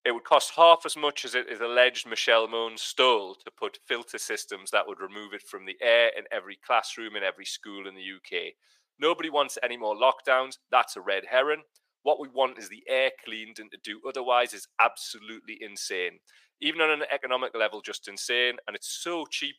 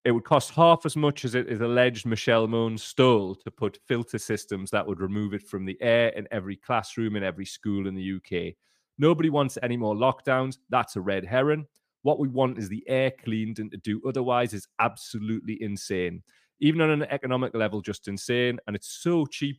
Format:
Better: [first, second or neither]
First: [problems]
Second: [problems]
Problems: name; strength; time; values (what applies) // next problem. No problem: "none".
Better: second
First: thin; very; fading below 550 Hz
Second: none